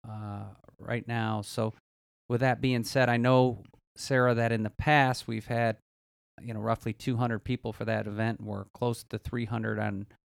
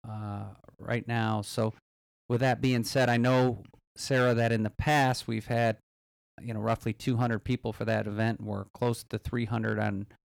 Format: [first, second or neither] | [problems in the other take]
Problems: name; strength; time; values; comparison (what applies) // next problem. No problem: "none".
first | distortion; slight; 3% of the sound clipped